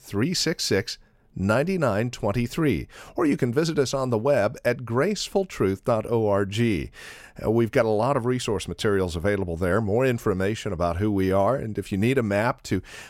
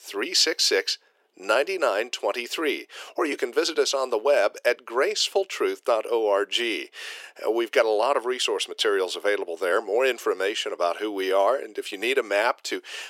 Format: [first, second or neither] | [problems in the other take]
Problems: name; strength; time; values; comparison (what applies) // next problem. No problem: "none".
first | thin; very; fading below 350 Hz